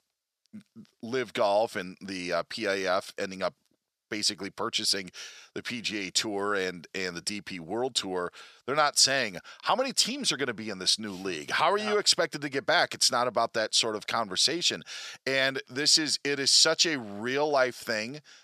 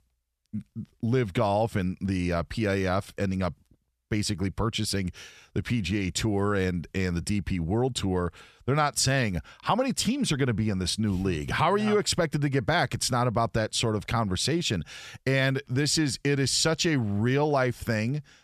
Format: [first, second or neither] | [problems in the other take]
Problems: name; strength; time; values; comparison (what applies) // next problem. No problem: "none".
second | thin; somewhat; fading below 350 Hz